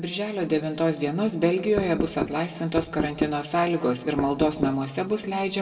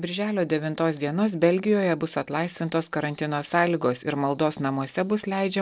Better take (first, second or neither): second